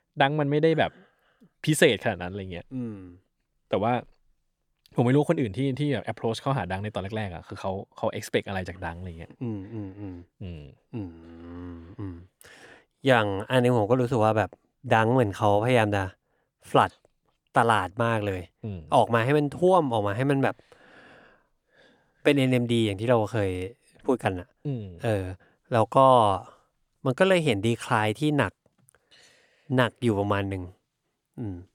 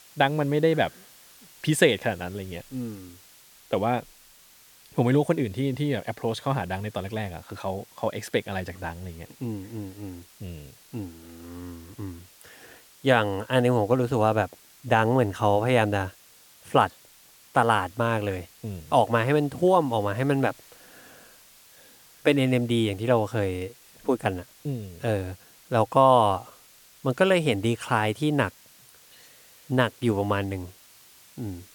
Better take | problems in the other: first | hiss; faint; throughout; 25 dB below the speech

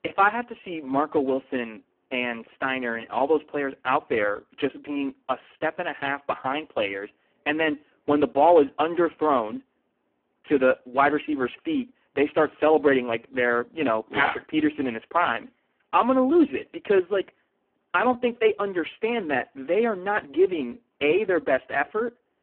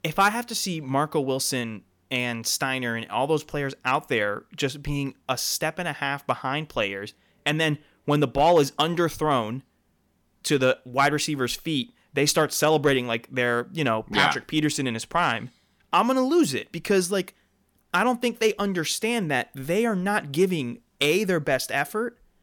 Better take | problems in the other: second | phone-call audio; poor line

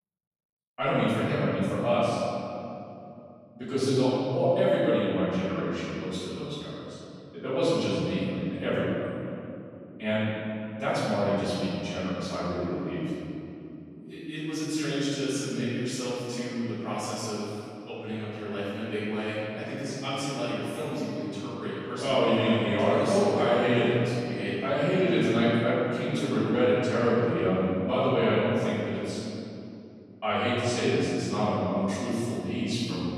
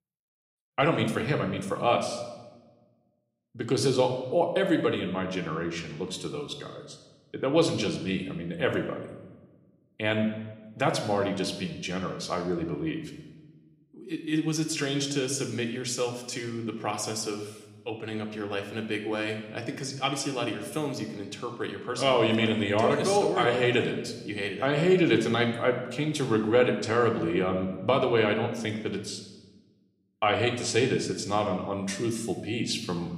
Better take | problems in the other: second | room echo; strong; dies away in 2.9 s; slight in the second // off-mic speech; far

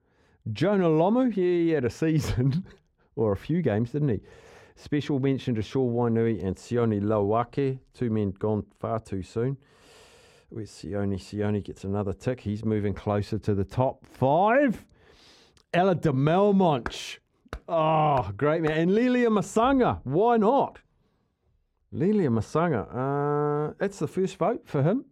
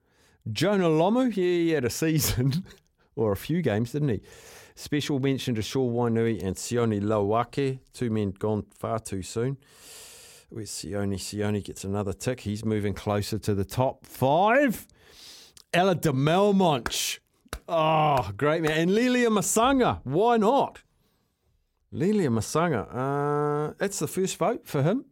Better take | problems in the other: second | muffled; slightly; fading above 1.5 kHz

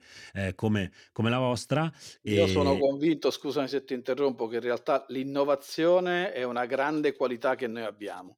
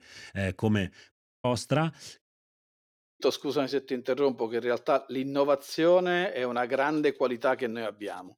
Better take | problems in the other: first | audio cutting out; at 1 s and at 2 s for 1 s

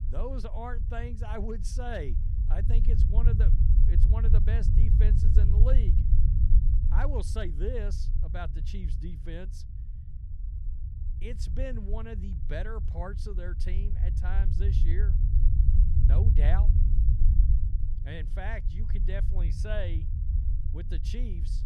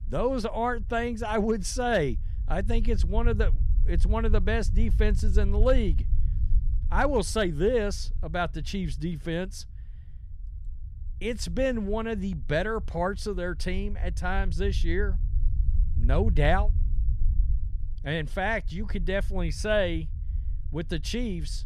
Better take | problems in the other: second | low rumble; loud; throughout; 5 dB below the speech; faint in the second

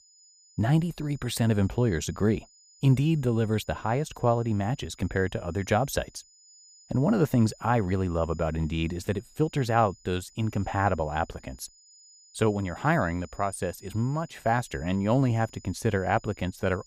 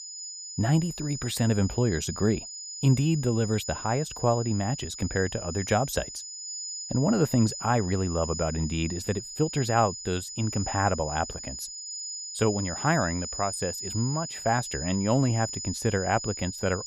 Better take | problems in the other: first | high-pitched whine; loud; throughout; 7 kHz, 8 dB below the speech; faint in the first

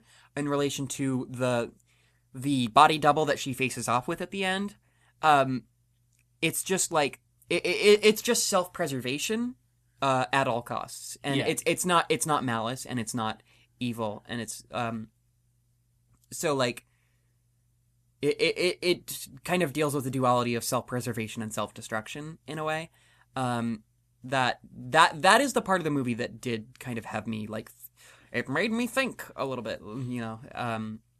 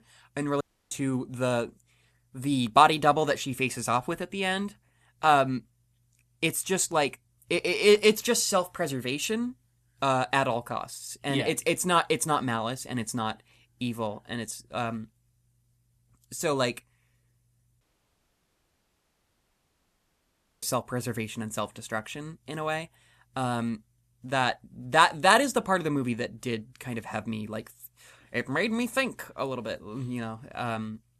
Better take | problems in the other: first | audio cutting out; at 0.5 s and at 18 s for 3 s

